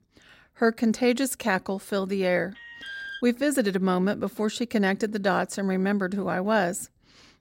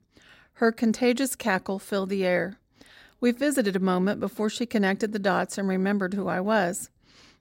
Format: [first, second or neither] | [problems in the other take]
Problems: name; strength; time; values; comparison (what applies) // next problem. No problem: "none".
second | alarm; noticeable; at 2.5 s; peak 10 dB below the speech